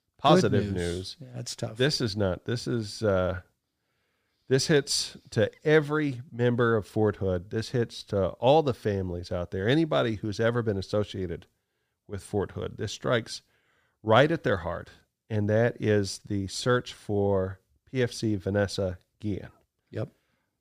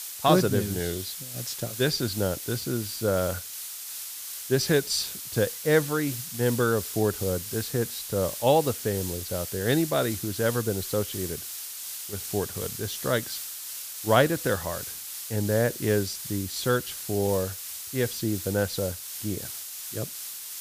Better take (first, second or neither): first